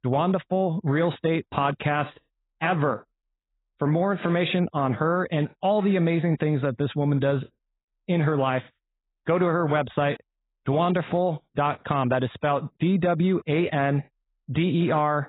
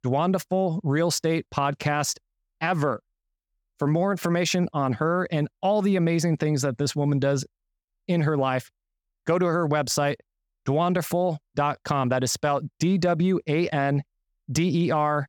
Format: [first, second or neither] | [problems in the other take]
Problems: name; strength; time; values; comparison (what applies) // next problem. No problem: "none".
second | garbled, watery; badly; nothing above 4 kHz